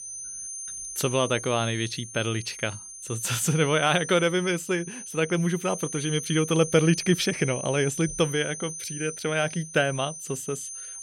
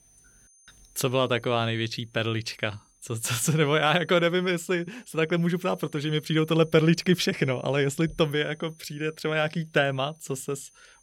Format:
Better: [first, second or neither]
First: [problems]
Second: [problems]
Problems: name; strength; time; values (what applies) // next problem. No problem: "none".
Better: second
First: high-pitched whine; loud; throughout; 6.5 kHz, 9 dB below the speech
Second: high-pitched whine; faint; throughout; 6.5 kHz, 30 dB below the speech